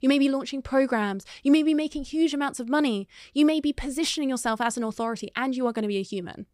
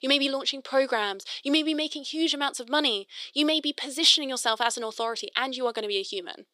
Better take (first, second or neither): first